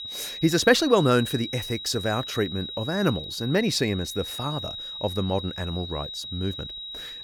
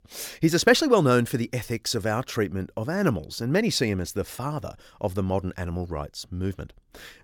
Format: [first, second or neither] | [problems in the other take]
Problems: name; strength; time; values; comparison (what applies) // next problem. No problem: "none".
second | high-pitched whine; loud; throughout; 4 kHz, 8 dB below the speech